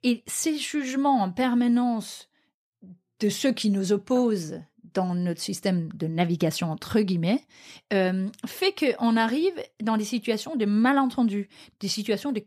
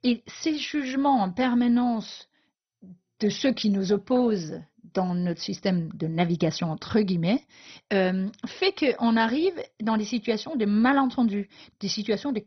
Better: first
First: none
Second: garbled, watery; badly; nothing above 6 kHz

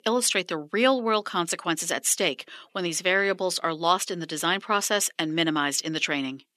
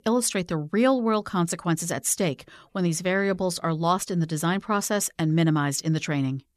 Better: second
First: thin; somewhat; fading below 250 Hz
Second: none

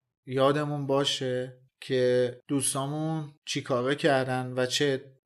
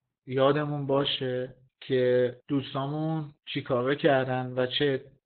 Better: first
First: none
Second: garbled, watery; badly; nothing above 3.5 kHz

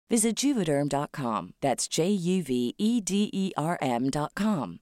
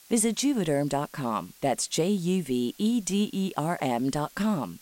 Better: first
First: none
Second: hiss; faint; throughout; 25 dB below the speech

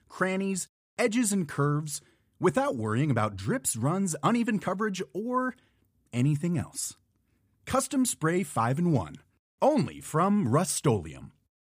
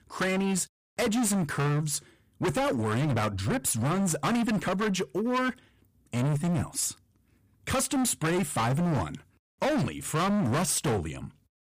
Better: first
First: none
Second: distortion; heavy; 25% of the sound clipped

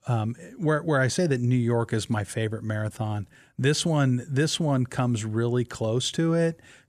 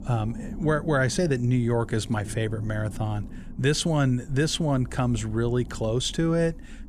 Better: first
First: none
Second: low rumble; noticeable; throughout; 20 dB below the speech

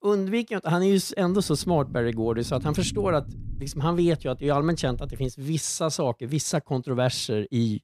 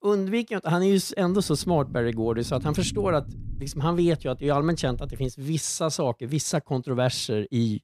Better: neither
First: low rumble; faint; from 1.5 to 5.5 s; 20 dB below the speech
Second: low rumble; faint; from 1.5 to 5.5 s; 20 dB below the speech

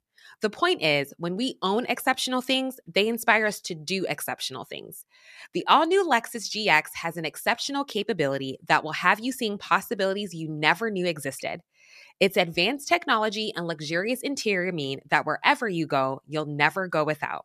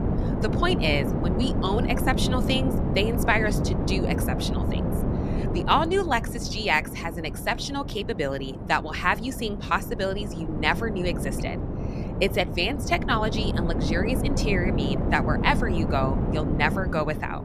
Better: first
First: none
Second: wind noise on the microphone; heavy; 8 dB below the speech

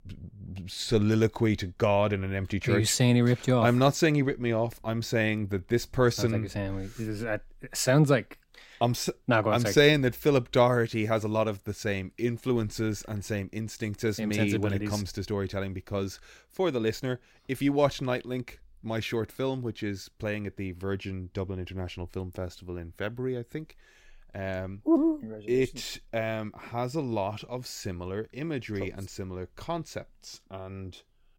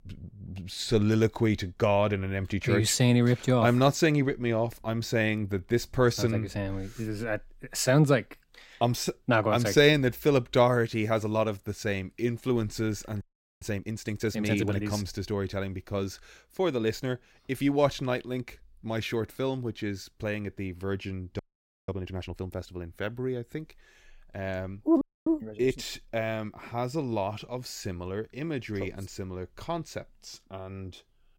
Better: first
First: none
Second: audio freezing; at 13 s, at 21 s and at 25 s

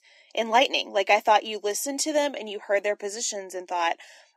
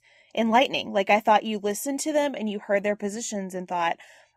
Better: second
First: thin; somewhat; fading below 300 Hz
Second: none

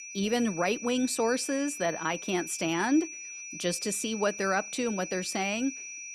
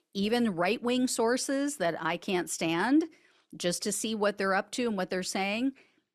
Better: second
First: high-pitched whine; loud; throughout; 6 kHz, 9 dB below the speech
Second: none

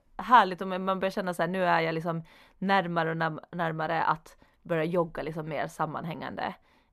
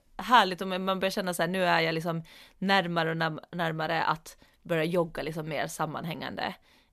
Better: second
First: muffled; slightly; fading above 2.5 kHz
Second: none

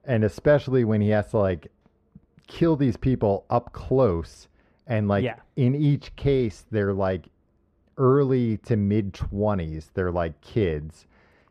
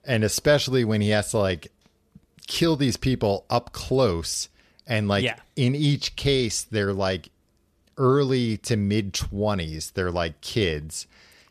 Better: second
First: muffled; very; fading above 2.5 kHz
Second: none

